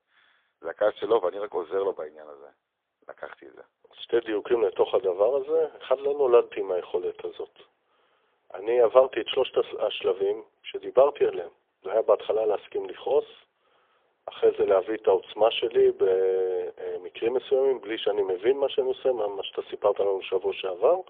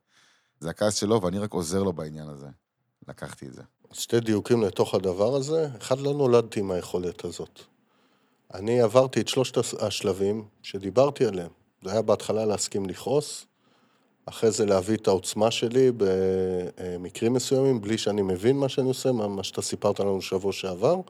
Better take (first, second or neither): second